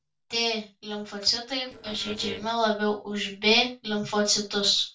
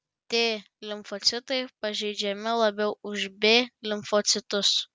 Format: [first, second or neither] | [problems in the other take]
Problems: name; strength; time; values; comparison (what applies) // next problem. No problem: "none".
second | noise reduction (neural separator model SepFormer DNS4)